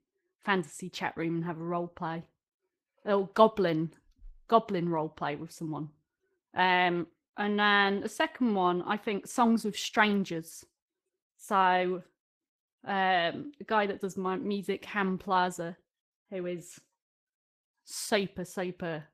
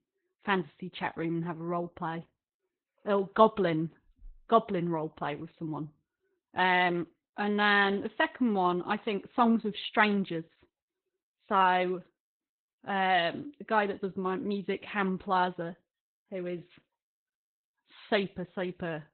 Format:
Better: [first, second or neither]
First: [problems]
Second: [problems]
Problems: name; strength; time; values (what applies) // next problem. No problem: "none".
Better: first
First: garbled, watery; slightly; nothing above 14.5 kHz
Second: garbled, watery; badly; nothing above 4 kHz